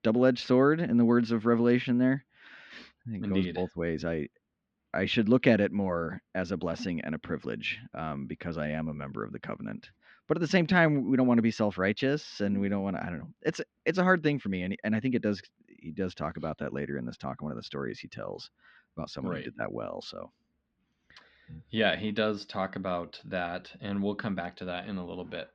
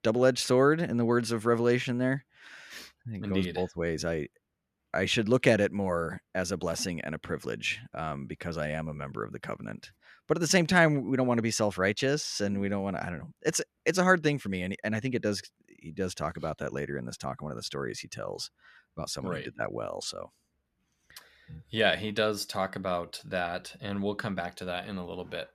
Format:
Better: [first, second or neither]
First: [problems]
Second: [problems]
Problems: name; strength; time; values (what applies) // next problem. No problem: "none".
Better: second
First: muffled; slightly; fading above 4.5 kHz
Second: none